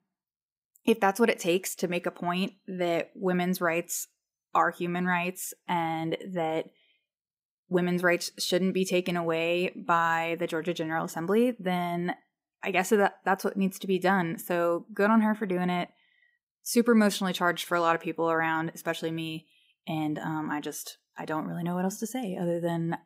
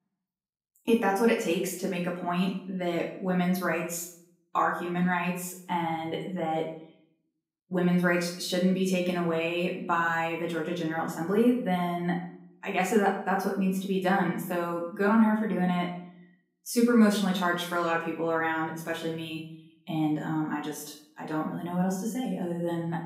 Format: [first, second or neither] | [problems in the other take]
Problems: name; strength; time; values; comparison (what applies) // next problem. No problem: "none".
first | off-mic speech; far // room echo; noticeable; dies away in 0.5 s